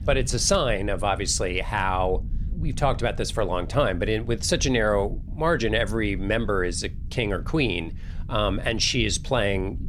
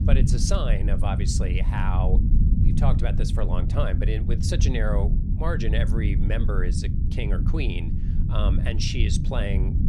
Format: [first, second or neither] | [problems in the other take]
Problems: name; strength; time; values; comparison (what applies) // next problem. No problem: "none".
first | low rumble; loud; throughout; 6 dB below the speech; faint in the first